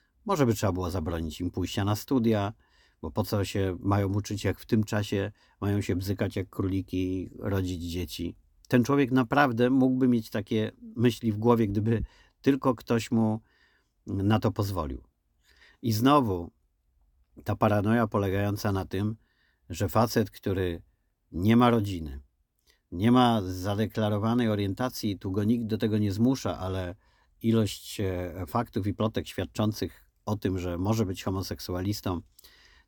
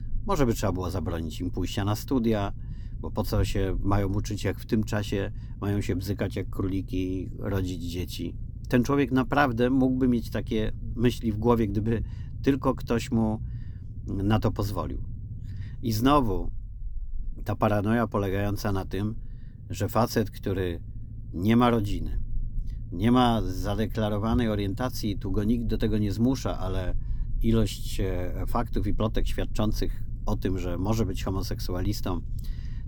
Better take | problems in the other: first | low rumble; faint; throughout; 25 dB below the speech

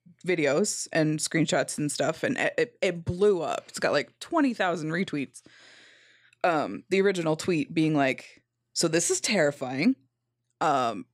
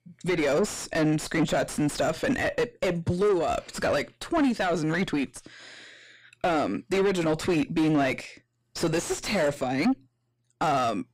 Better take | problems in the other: first | distortion; heavy; 5 dB below the speech

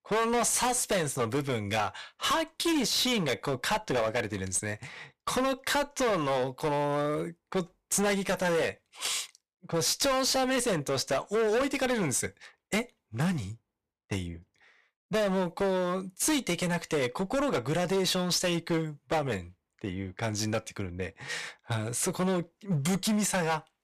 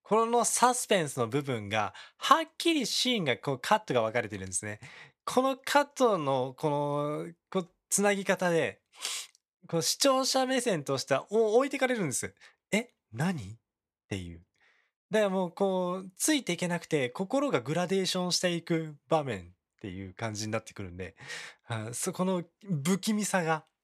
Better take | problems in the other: second | distortion; heavy; 15% of the sound clipped

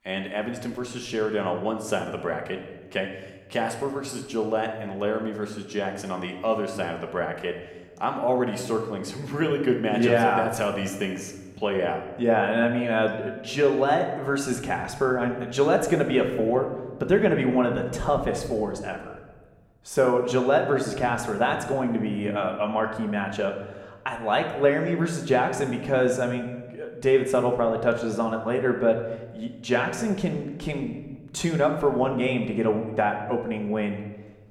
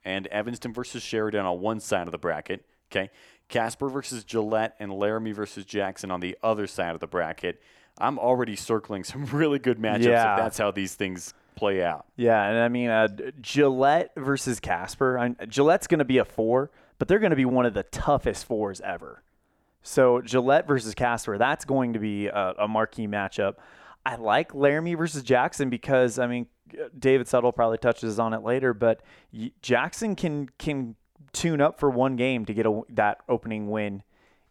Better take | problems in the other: second | room echo; slight; dies away in 1 s

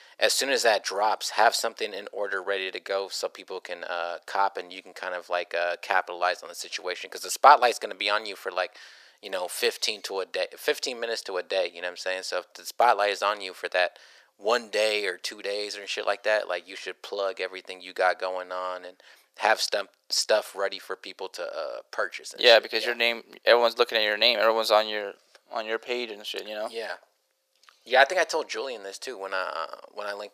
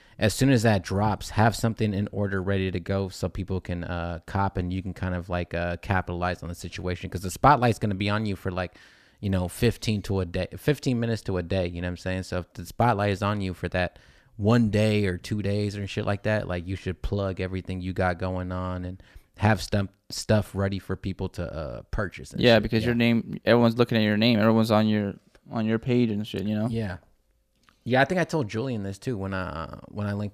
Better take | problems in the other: second | thin; very; fading below 500 Hz

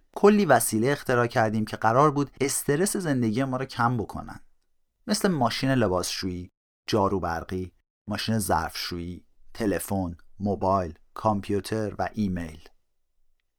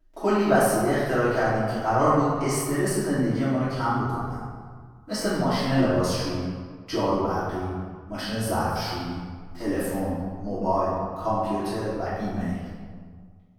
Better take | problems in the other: first | room echo; strong; dies away in 1.6 s // off-mic speech; far

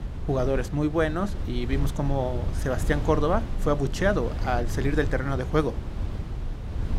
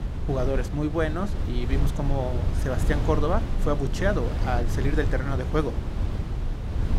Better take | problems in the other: first | wind noise on the microphone; heavy; 9 dB below the speech; occasional gusts in the first

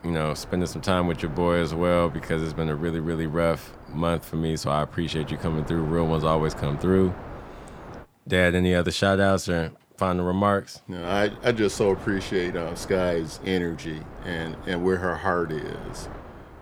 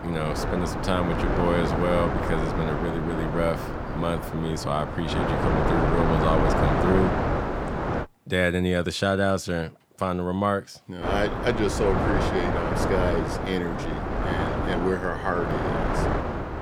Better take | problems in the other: first | wind noise on the microphone; heavy; until 8 s and from 11 s on; as loud as the speech; occasional gusts in the first

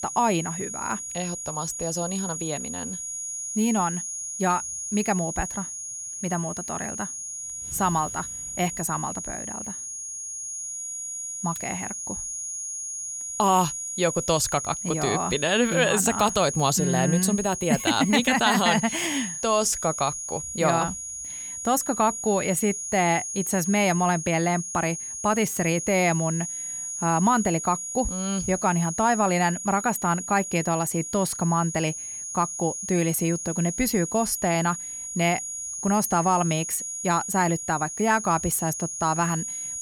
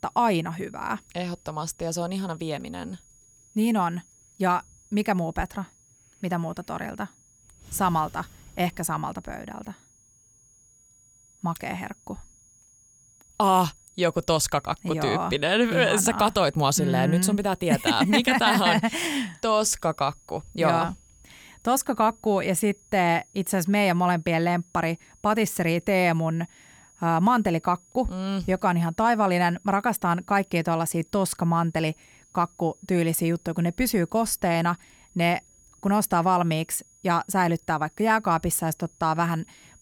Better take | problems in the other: second | high-pitched whine; loud; throughout; 6.5 kHz, 6 dB below the speech; faint in the second

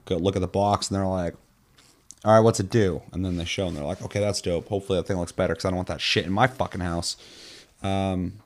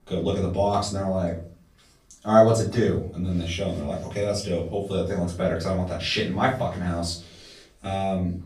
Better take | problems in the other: first | off-mic speech; far // room echo; slight; dies away in 0.4 s

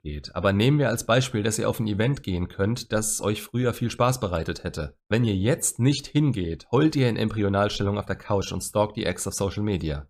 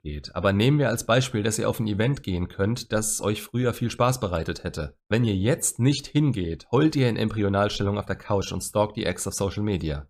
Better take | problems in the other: neither | none

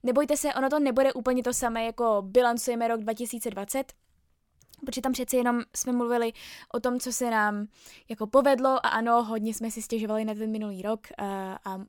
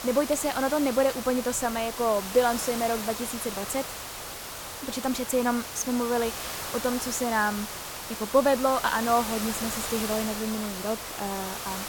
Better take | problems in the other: first | hiss; loud; throughout; 6 dB below the speech

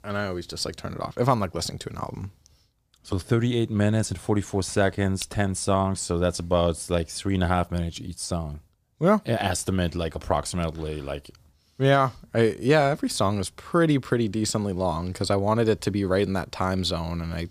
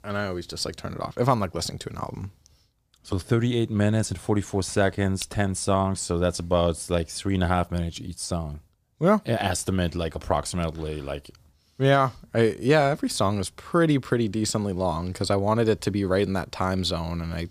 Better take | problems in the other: neither | none

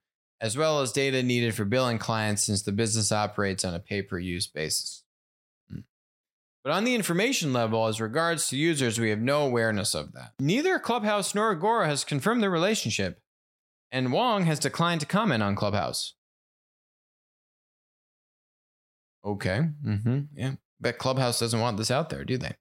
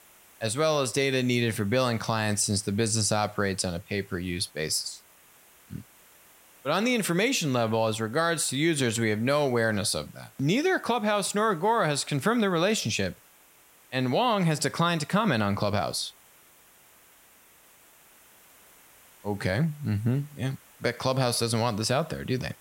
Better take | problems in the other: first | hiss; faint; throughout; 25 dB below the speech

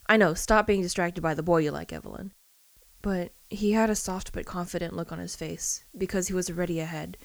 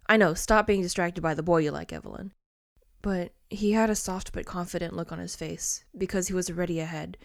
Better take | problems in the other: second | hiss; faint; throughout; 25 dB below the speech

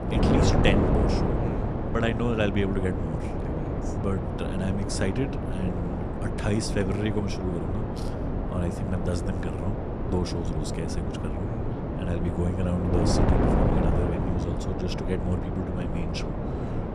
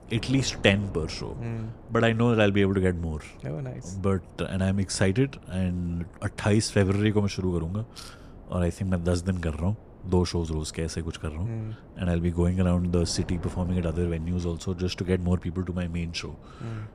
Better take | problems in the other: second | wind noise on the microphone; heavy; 1 dB above the speech; occasional gusts in the second

